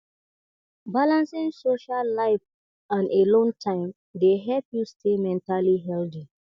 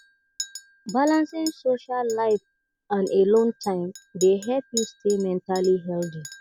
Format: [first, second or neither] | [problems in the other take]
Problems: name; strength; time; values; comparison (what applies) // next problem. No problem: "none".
first | background sound (Chink, clink); 17 dB below the speech